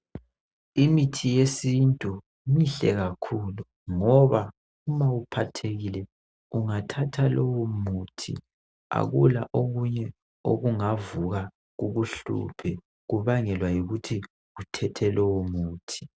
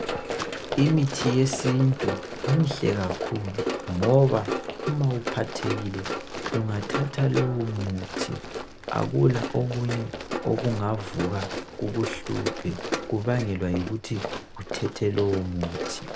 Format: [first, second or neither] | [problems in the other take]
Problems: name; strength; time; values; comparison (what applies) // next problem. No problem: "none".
first | background sound (Run); 6 dB below the speech